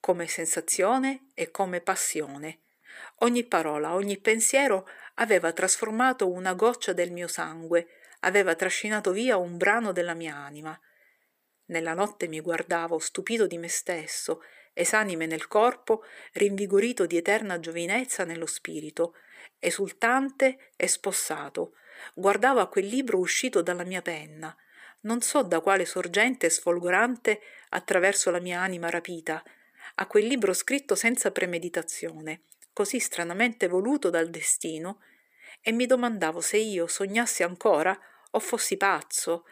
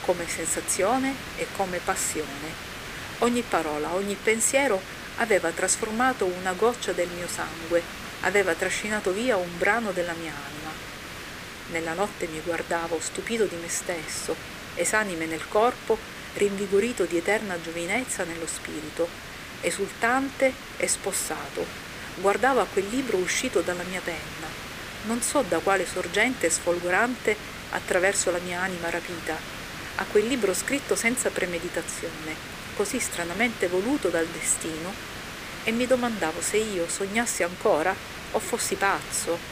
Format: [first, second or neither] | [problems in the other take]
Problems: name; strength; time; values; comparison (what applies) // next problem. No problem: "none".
first | hiss; noticeable; throughout; 10 dB below the speech